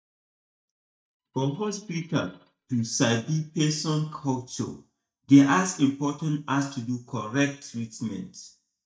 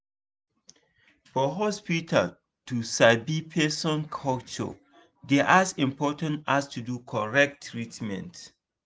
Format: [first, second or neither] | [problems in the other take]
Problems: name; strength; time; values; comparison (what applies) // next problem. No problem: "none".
second | noise reduction (neural mask model DeepFilterNet 3)